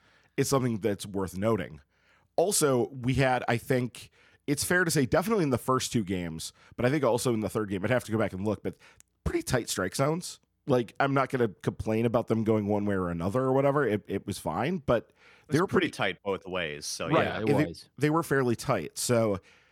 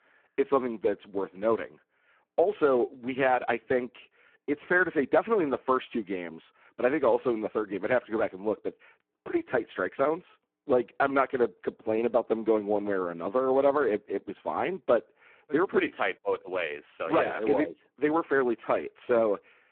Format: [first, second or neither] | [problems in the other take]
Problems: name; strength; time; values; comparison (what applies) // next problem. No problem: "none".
first | phone-call audio; poor line